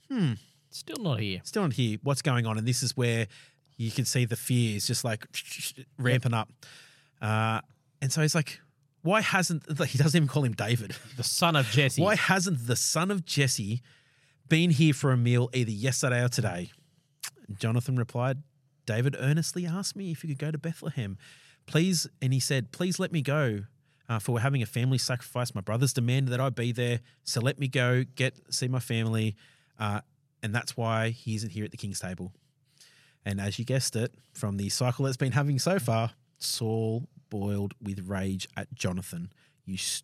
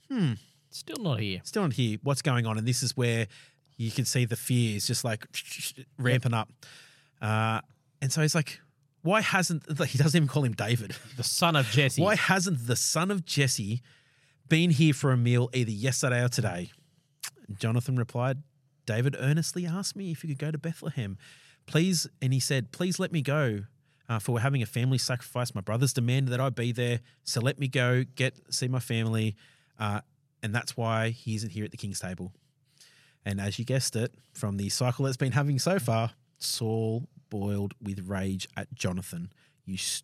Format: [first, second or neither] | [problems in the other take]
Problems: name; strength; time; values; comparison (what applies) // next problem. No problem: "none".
neither | none